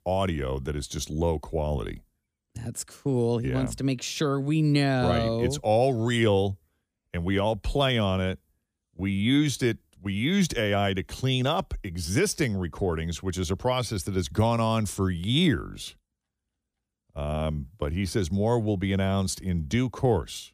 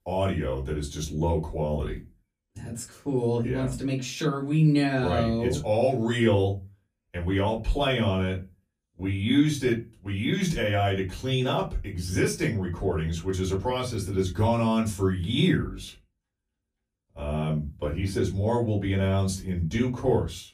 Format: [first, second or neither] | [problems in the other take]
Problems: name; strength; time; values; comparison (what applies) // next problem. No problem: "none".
first | off-mic speech; far // room echo; very slight; dies away in 0.2 s